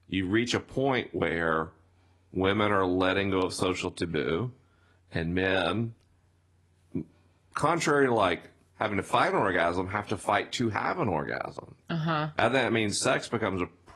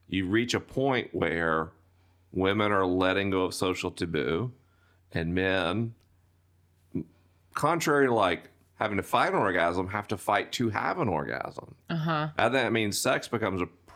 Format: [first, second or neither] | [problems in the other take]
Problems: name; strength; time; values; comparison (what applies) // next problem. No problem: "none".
second | garbled, watery; slightly